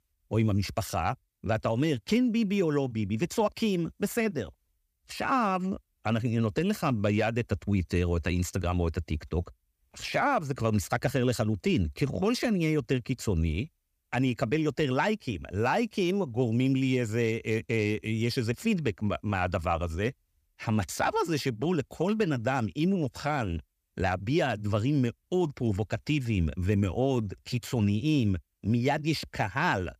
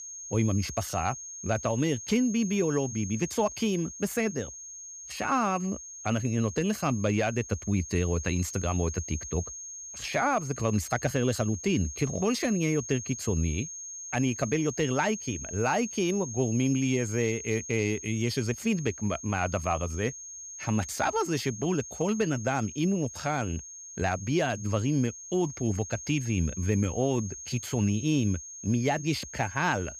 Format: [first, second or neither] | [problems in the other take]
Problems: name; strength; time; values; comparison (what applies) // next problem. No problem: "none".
first | high-pitched whine; loud; throughout; 6.5 kHz, 10 dB below the speech